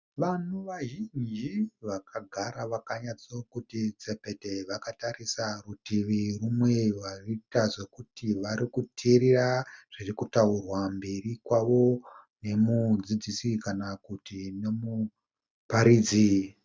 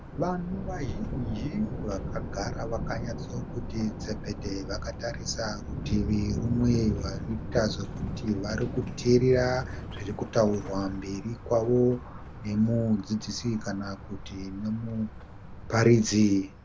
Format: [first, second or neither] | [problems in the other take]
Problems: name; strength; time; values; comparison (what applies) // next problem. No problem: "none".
first | background sound (Thunder); 7 dB below the speech